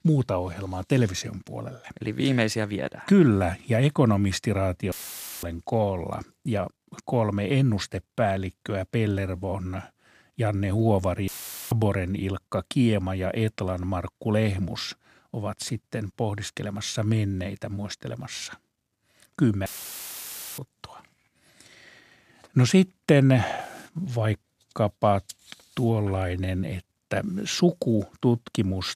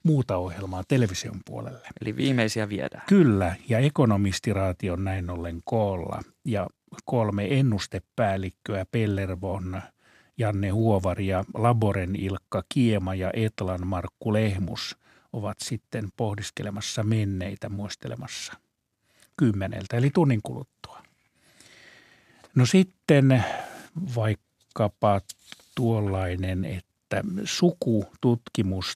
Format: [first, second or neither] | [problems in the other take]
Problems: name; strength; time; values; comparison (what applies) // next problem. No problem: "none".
second | audio cutting out; filled with static; at 5 s for 0.5 s, at 11 s and at 20 s for 1 s